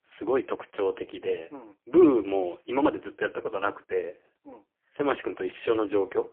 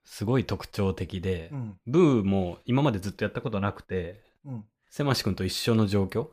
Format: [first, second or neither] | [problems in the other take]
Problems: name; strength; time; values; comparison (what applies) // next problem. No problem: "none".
second | phone-call audio; poor line; nothing above 3 kHz